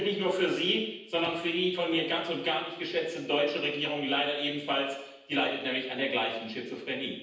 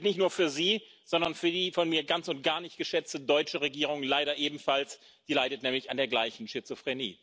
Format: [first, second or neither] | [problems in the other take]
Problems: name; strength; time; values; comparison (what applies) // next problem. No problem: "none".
second | room echo; dies away in 0.9 s